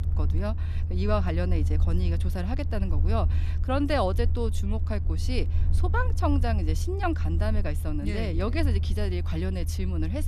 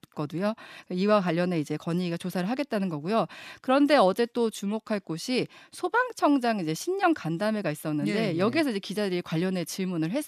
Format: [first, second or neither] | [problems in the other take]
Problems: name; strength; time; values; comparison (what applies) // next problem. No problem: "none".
second | low rumble; noticeable; throughout; 10 dB below the speech